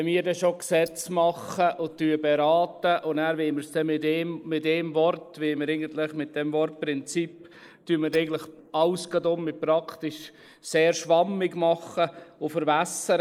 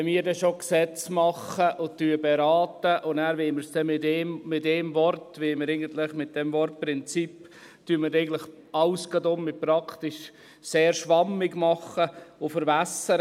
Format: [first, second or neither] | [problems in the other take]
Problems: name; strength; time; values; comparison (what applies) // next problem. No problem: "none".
second | noise reduction (neural mask model Resemble Enhance denoiser)